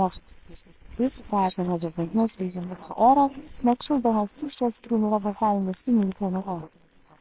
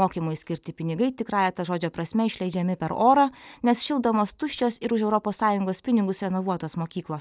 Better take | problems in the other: second | noise reduction (neural separator model SepFormer WHAMR!)

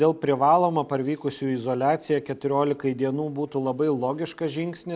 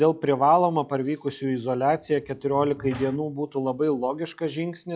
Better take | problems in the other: first | noise reduction (classical method log-MMSE)

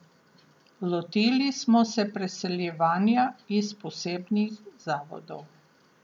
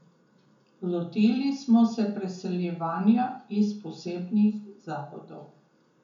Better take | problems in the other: first | room echo; dies away in 0.7 s

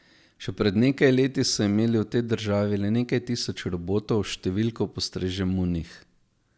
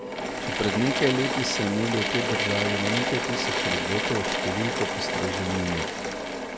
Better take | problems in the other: first | background sound (Drill / Mechanisms); 2 dB above the speech

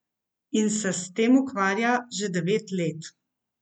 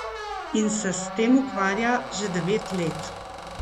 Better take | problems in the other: first | background sound (Squeak); 9 dB below the speech

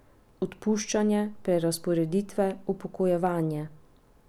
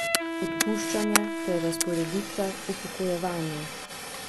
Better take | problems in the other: first | background sound (Wind instrument, woodwind instrument + Fire); as loud as the speech

